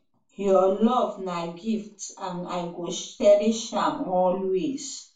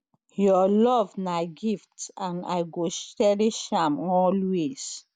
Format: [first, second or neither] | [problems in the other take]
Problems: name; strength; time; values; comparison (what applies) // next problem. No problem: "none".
second | room echo; dies away in 0.3 s